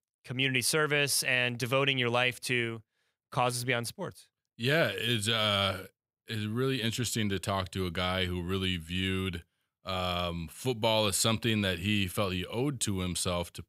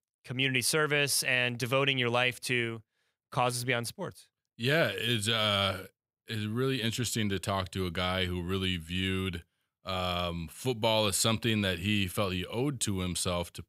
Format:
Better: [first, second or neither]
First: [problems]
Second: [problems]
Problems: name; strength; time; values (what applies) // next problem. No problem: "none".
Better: neither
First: none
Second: none